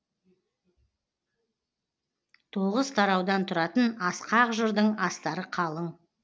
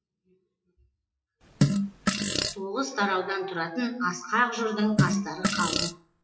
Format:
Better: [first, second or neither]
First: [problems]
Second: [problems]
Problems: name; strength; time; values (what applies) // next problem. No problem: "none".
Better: first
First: none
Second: noise reduction (classical method WPE with log-MMSE)